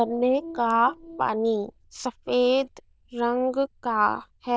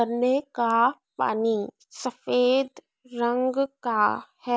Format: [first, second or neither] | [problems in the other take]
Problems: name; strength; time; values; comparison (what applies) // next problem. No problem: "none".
second | noise reduction (neural diffusion model UNIVERSE++)